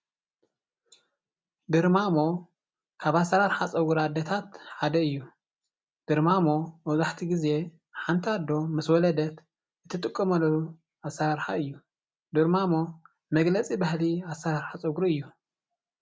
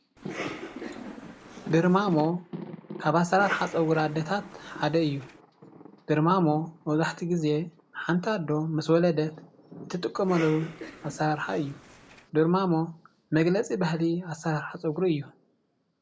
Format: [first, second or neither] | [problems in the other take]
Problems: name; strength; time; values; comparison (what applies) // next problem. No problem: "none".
first | background sound (Cough + Thunder); 16 dB below the speech